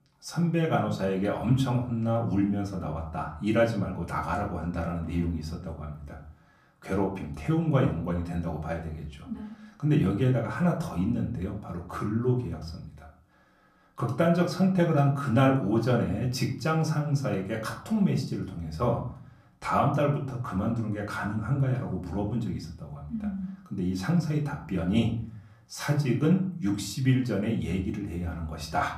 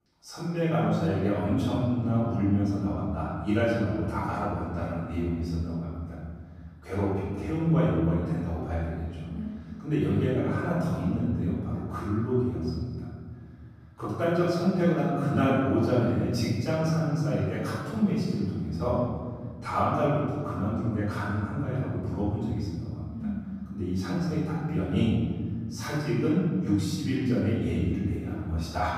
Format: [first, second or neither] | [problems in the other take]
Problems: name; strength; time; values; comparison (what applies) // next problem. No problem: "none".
first | room echo; strong; dies away in 2.3 s; slight in the first // off-mic speech; far; far in the first